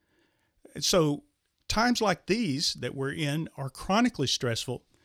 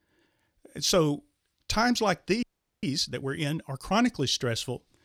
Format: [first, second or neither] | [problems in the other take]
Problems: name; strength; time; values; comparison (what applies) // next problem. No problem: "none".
first | audio freezing; at 2.5 s